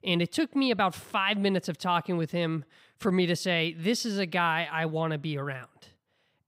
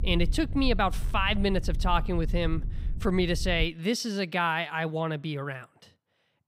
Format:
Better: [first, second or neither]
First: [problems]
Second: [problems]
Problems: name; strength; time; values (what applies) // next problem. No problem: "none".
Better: first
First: none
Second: low rumble; faint; until 3.5 s; 25 dB below the speech